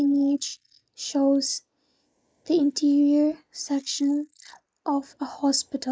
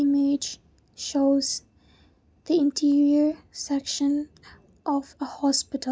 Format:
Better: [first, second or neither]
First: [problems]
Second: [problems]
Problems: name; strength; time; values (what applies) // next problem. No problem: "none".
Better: second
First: noise reduction (neural mask model Resemble Enhance denoiser)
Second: none